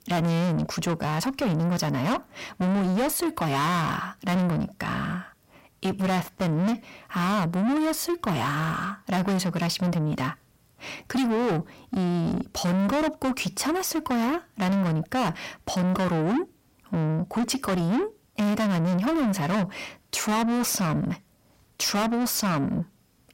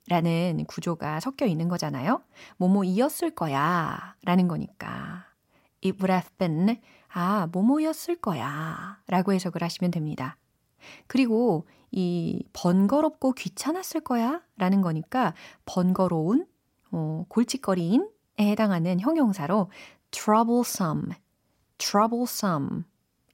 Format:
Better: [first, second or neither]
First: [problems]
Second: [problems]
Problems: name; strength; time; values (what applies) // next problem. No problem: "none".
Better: second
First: distortion; heavy; 6 dB below the speech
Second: none